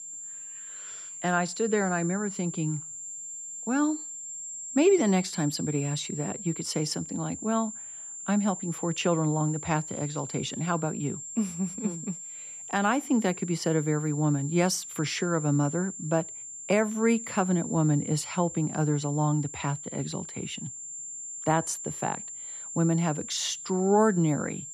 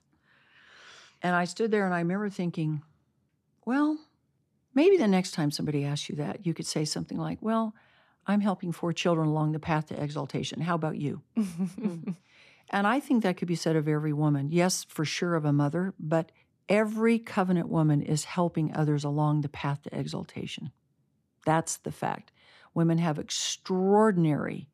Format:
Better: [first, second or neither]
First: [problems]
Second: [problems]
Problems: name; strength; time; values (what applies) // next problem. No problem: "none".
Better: second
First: high-pitched whine; loud; throughout; 7.5 kHz, 9 dB below the speech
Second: none